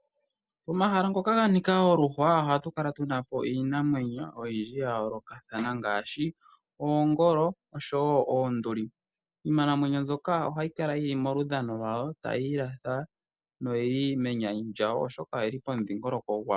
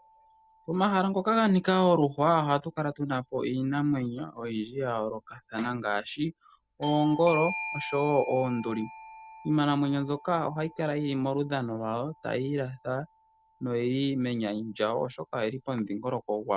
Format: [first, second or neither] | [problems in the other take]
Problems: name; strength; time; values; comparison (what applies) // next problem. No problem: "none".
first | background sound (Bell / Doorbell); 17 dB below the speech